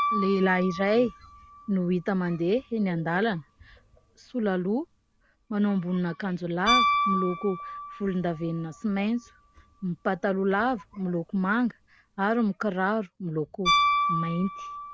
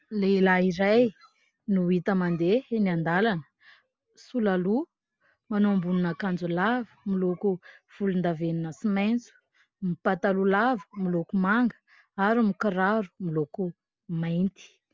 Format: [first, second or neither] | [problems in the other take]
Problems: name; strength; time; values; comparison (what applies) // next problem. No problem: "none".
second | background sound (Piano); 5 dB below the speech